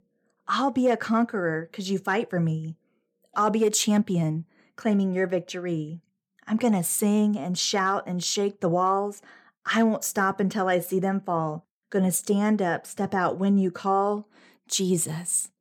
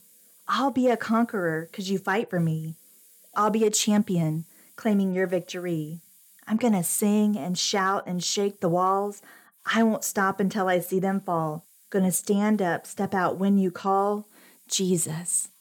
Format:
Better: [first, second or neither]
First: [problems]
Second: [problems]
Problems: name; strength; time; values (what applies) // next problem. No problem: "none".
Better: first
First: none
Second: hiss; faint; throughout; 30 dB below the speech